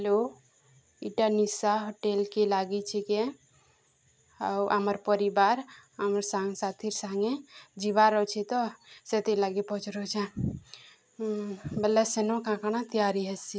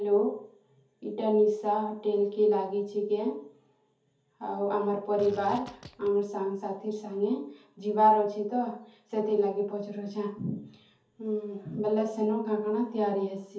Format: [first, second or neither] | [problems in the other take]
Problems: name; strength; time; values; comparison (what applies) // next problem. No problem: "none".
first | background sound (Fart); 17 dB below the speech // room echo; dies away in 0.5 s